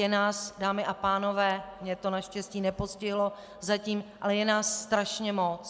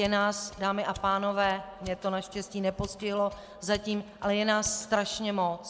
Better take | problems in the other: first | background sound (Mechanisms); 20 dB below the speech

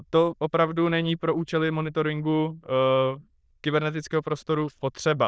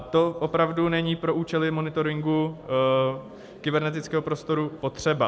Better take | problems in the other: second | noise reduction (neural diffusion model UNIVERSE++)

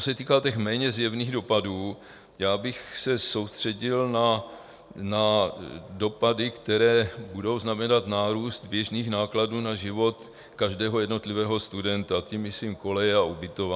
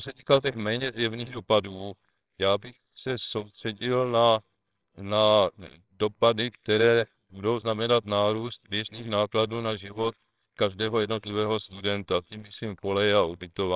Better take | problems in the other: first | noise reduction (neural separator model SepFormer WHAMR!)

